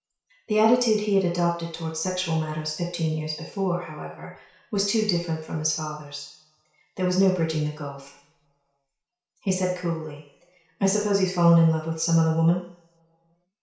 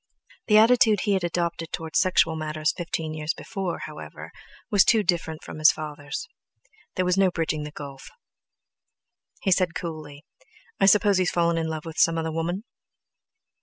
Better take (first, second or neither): second